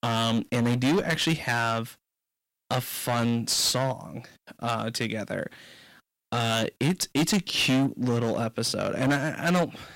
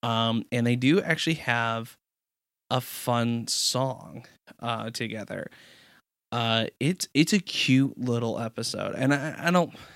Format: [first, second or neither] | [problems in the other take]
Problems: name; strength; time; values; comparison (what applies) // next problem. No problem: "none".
second | distortion; heavy; 12% of the sound clipped